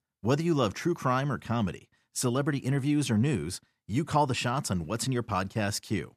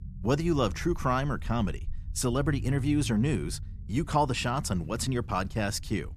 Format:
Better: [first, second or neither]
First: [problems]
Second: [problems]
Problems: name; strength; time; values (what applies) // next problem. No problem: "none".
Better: first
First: none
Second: low rumble; faint; throughout; 25 dB below the speech